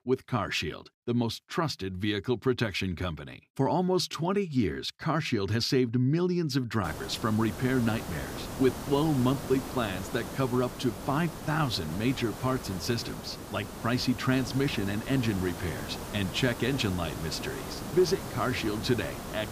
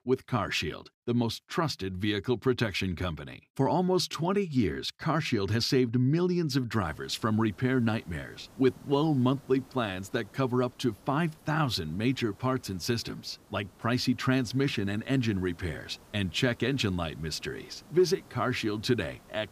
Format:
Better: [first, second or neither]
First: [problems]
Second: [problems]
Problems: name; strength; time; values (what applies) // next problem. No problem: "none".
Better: second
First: hiss; loud; from 7 s on; 9 dB below the speech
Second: hiss; faint; from 7 s on; 25 dB below the speech